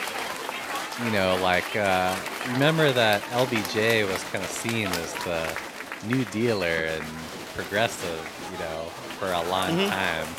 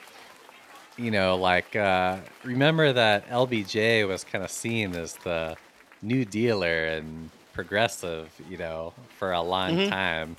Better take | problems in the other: second | crowd noise; loud; throughout; 6 dB below the speech; faint in the second

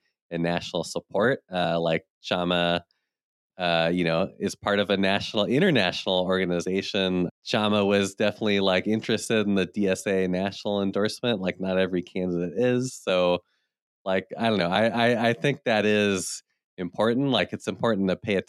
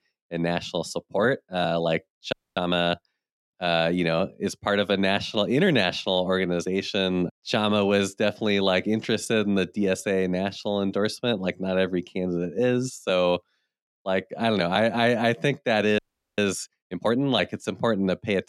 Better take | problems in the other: first | audio freezing; at 2.5 s and at 16 s

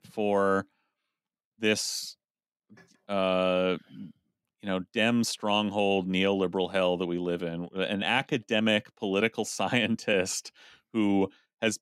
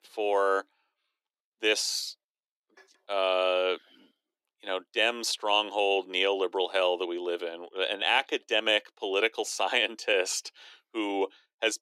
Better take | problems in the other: first | thin; very; fading below 350 Hz

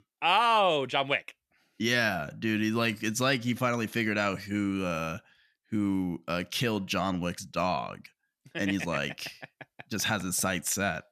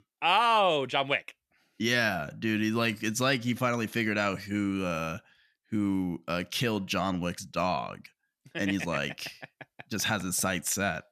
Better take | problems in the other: neither | none

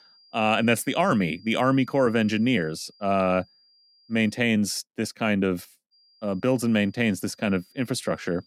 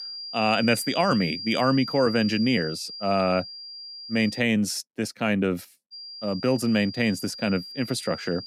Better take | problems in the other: first | high-pitched whine; loud; until 4.5 s and from 6 s on; 5 kHz, 10 dB below the speech; faint in the first

